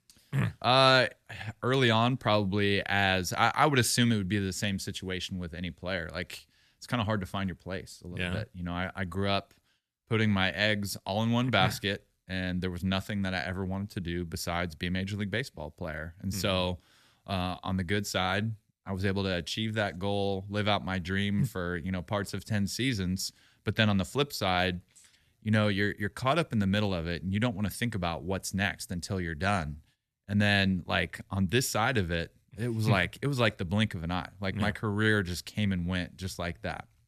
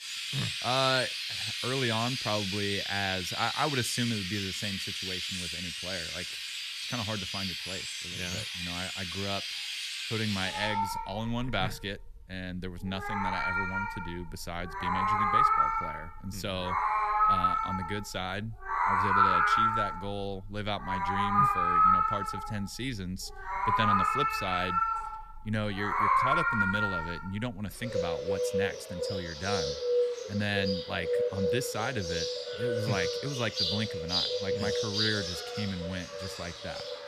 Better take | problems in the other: first | animal sounds; very loud; throughout; 5 dB above the speech

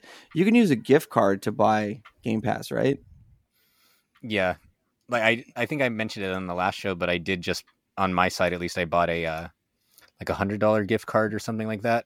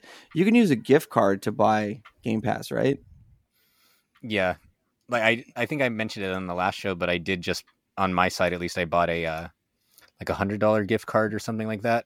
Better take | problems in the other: neither | none

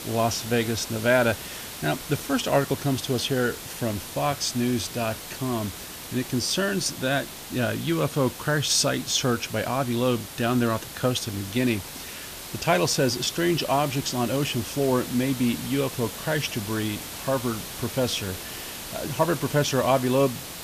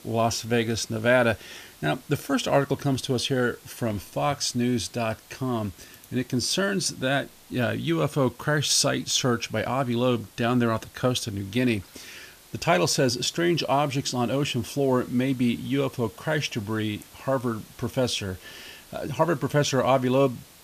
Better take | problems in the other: second | hiss; loud; throughout; 10 dB below the speech; faint in the second

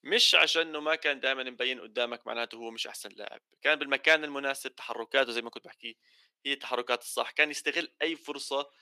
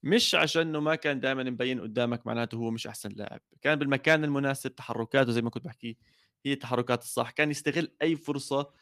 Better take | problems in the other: second | thin; somewhat; fading below 400 Hz

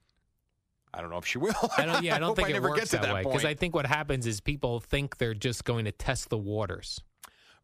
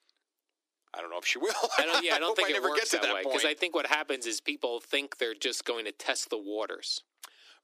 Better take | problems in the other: first | thin; somewhat; fading below 300 Hz

